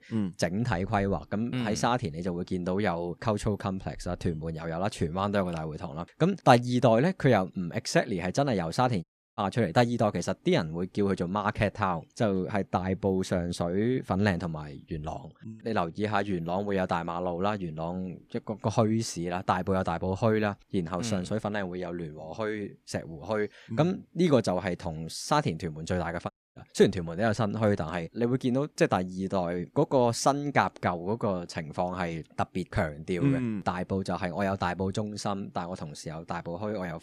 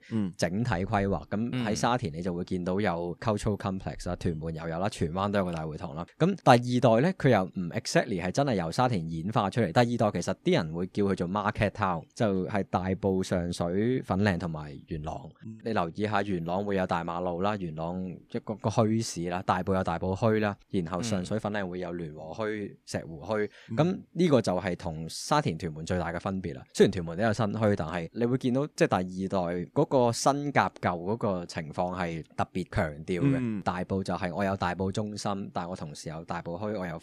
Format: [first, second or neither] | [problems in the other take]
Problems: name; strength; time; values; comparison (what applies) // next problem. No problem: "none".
second | audio cutting out; at 9 s and at 26 s